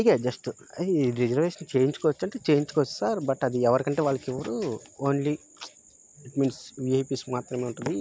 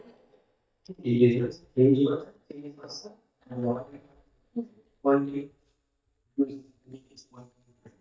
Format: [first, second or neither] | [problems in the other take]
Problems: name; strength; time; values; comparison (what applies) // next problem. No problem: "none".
first | noise reduction (neural mask model DeepFilterNet 3)